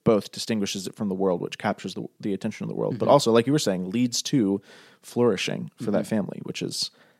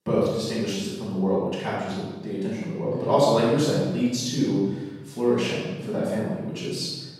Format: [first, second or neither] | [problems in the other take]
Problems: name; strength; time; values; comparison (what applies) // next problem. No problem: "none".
first | off-mic speech; far // room echo; strong; dies away in 1.1 s